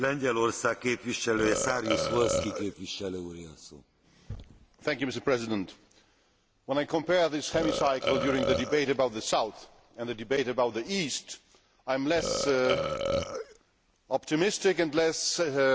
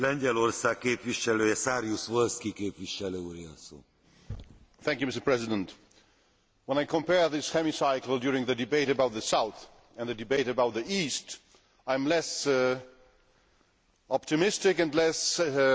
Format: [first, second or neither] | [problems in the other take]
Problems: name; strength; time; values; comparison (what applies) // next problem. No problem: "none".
second | background sound (Burping, eructation); 2 dB below the speech